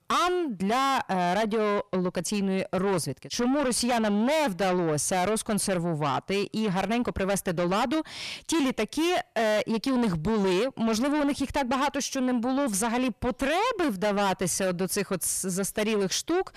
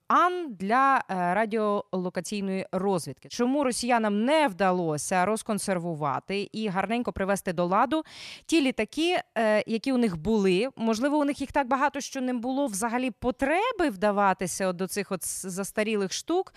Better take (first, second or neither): second